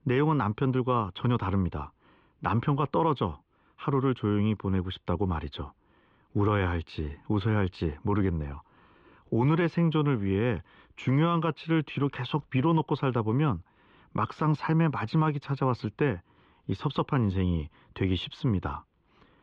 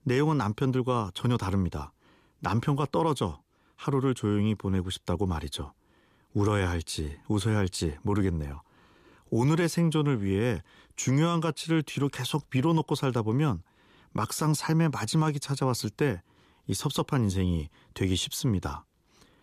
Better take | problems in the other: second | muffled; very; fading above 3 kHz

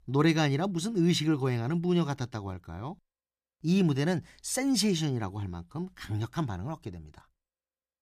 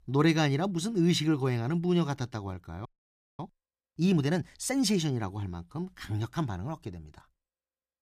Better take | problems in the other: first | audio freezing; at 3 s for 0.5 s

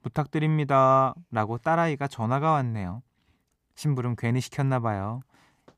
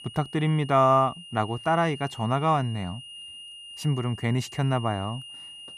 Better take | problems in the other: first | high-pitched whine; noticeable; throughout; 3 kHz, 15 dB below the speech

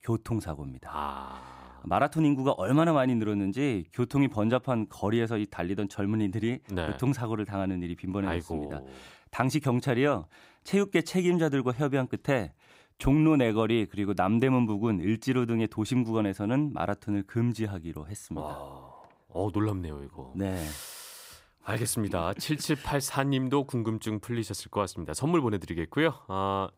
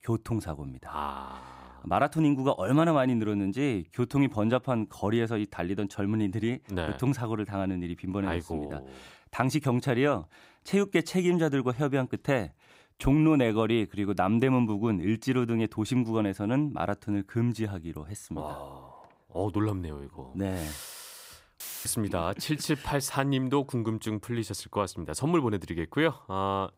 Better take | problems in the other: first | audio cutting out; filled with static; at 22 s

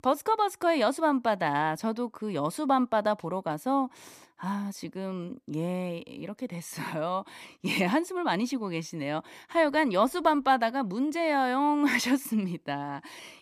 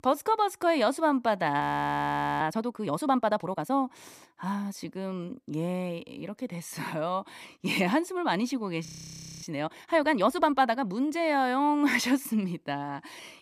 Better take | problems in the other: first | audio freezing; at 1.5 s for 1 s and at 9 s for 0.5 s

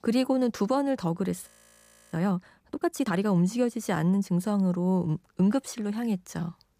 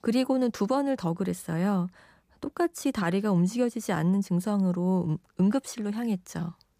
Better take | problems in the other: second | audio freezing; at 1.5 s for 0.5 s

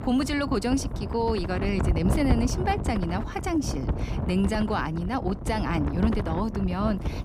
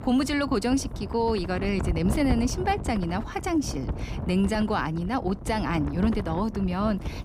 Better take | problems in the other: second | wind noise on the microphone; heavy; 8 dB below the speech; occasional gusts in the second

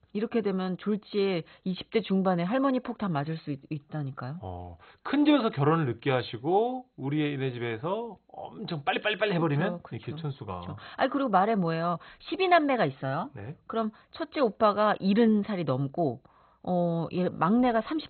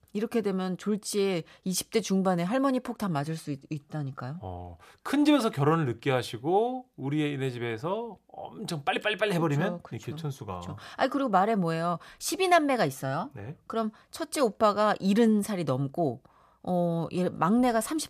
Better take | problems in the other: second | garbled, watery; badly; nothing above 4 kHz

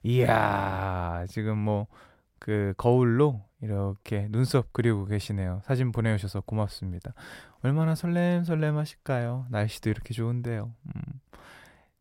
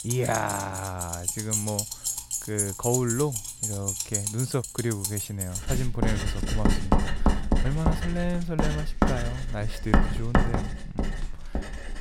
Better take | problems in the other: first | household noises; very loud; throughout; 2 dB above the speech

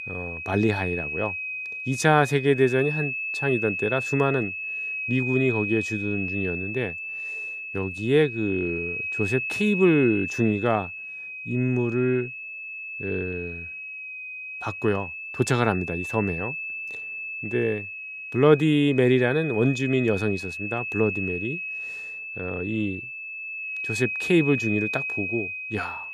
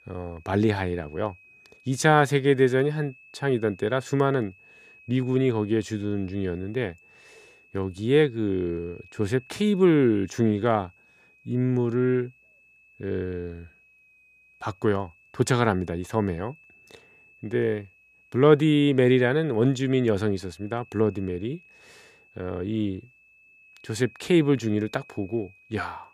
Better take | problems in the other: second | high-pitched whine; loud; throughout; 2.5 kHz, 5 dB below the speech; faint in the second

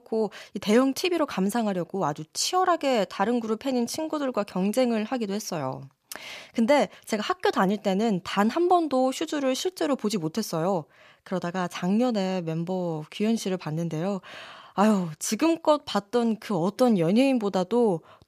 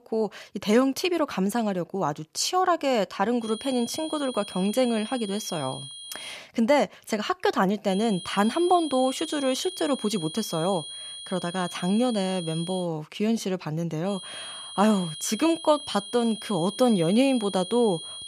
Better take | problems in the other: first | high-pitched whine; noticeable; from 3.5 to 6.5 s, from 8 to 13 s and from 14 s on; 3.5 kHz, 10 dB below the speech

